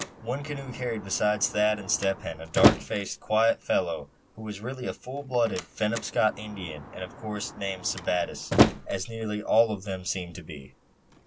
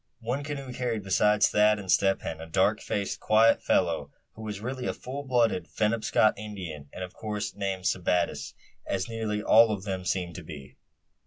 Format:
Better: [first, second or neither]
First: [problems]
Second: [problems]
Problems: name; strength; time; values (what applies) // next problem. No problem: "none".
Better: second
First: background sound (Slam); 3 dB below the speech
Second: none